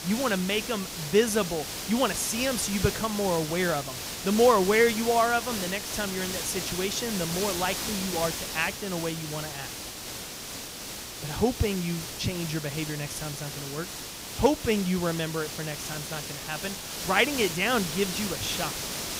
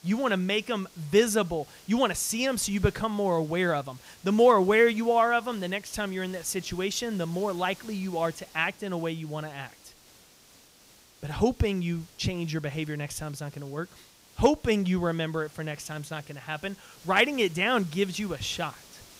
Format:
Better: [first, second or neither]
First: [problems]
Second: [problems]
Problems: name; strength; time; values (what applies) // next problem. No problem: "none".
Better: second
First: hiss; loud; throughout; 5 dB below the speech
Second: hiss; faint; throughout; 25 dB below the speech